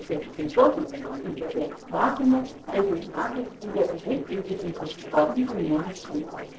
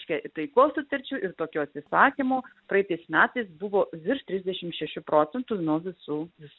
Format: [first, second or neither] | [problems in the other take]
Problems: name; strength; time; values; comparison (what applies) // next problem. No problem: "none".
second | noise reduction (neural separator model SepFormer DNS4)